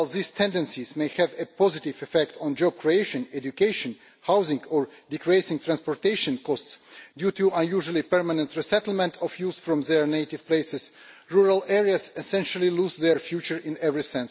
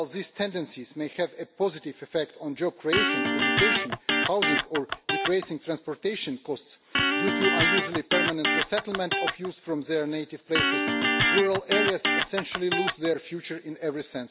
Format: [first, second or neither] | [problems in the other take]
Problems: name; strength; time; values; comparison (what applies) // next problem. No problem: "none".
first | background sound (Electric guitar); 4 dB above the speech